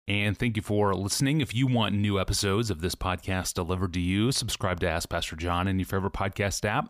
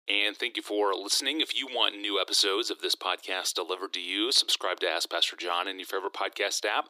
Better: first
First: none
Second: thin; very; fading below 300 Hz

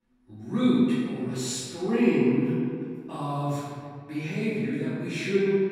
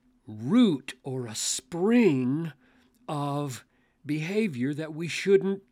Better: second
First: room echo; strong; dies away in 1.9 s // off-mic speech; far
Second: none

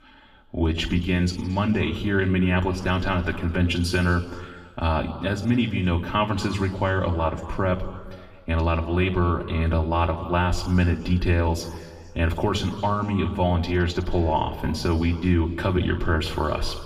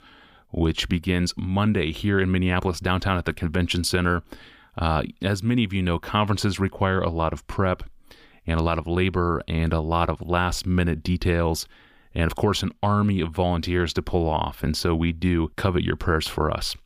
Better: second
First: room echo; slight; dies away in 1.7 s // off-mic speech; far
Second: none

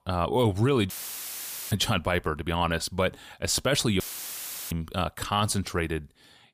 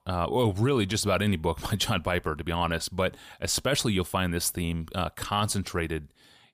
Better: second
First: audio cutting out; filled with static; at 1 s for 1 s and at 4 s for 0.5 s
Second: none

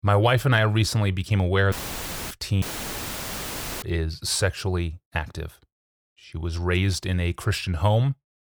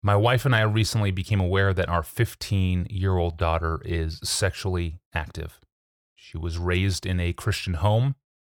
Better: second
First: audio cutting out; filled with static; at 1.5 s for 0.5 s and at 2.5 s for 1 s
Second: none

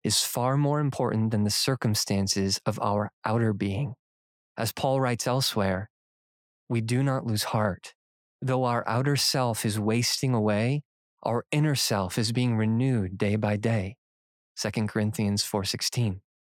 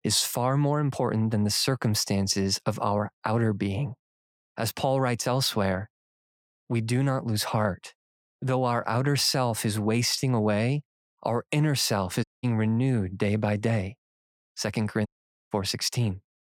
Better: first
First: none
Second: audio cutting out; at 12 s and at 15 s

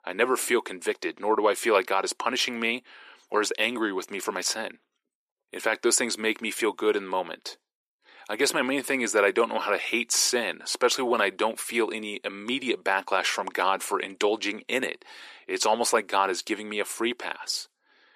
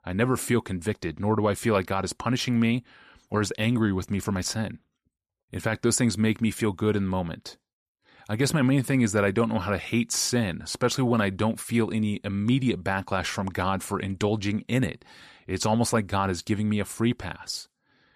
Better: second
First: thin; very; fading below 350 Hz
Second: none

